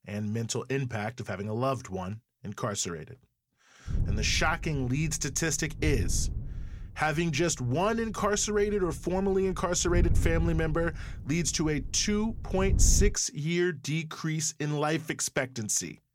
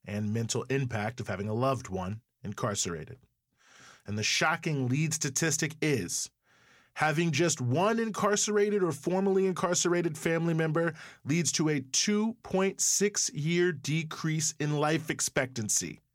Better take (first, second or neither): second